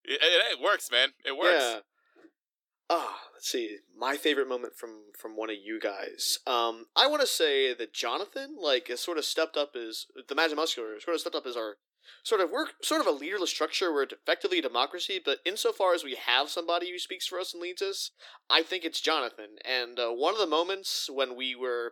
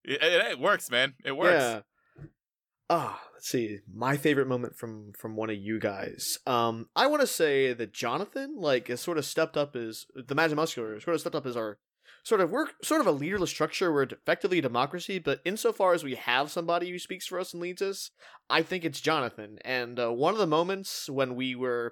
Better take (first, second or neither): second